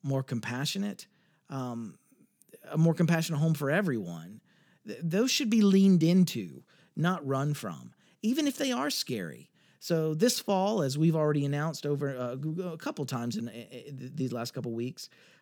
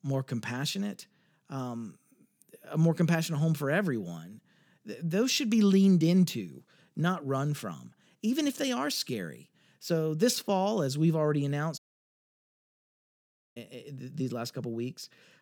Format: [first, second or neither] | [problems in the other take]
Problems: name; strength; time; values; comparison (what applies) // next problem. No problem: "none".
first | audio cutting out; at 12 s for 2 s